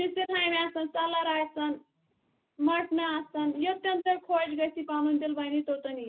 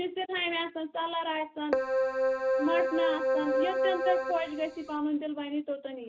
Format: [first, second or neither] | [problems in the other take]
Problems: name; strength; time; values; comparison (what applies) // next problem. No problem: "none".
first | background sound (Keyboard (musical)); 4 dB above the speech